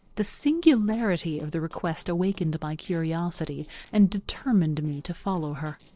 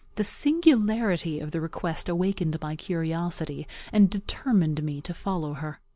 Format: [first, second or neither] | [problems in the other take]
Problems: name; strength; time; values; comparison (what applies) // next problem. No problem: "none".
second | noise reduction (neural separator model SepFormer DNS4)